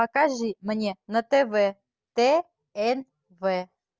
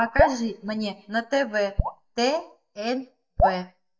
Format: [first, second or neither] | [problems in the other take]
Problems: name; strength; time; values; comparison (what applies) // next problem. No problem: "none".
first | noise reduction (neural mask model DeepFilterNet 3)